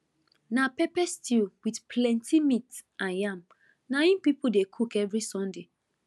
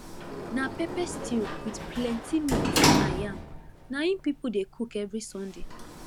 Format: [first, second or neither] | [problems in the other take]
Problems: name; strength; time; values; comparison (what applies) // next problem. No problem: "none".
first | background sound (Sliding door); 2 dB above the speech